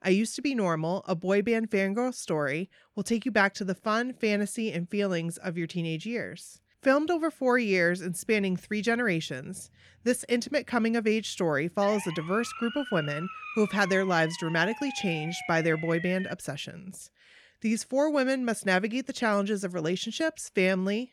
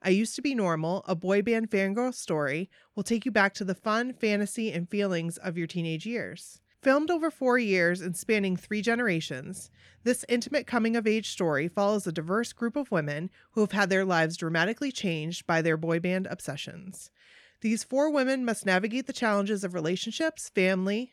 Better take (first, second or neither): second